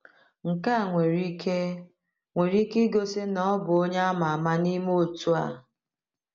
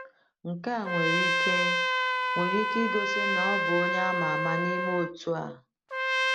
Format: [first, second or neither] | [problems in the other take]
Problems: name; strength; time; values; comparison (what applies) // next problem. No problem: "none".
first | background sound (Trumpet); 4 dB above the speech